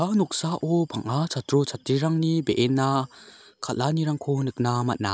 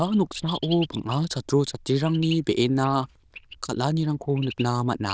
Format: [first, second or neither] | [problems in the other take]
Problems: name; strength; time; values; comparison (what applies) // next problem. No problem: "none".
first | noise reduction (neural diffusion model UNIVERSE++)